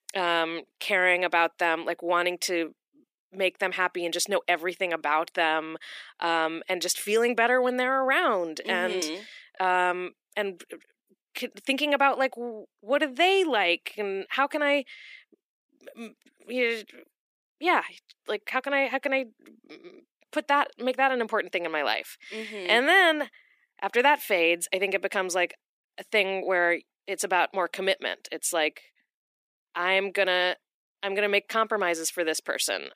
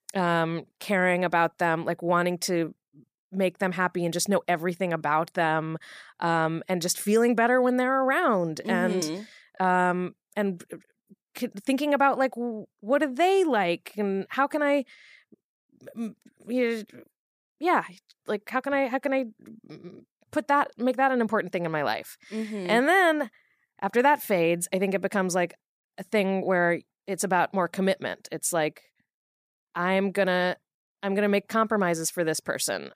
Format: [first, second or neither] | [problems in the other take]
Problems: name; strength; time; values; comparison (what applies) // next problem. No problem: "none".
second | thin; somewhat; fading below 300 Hz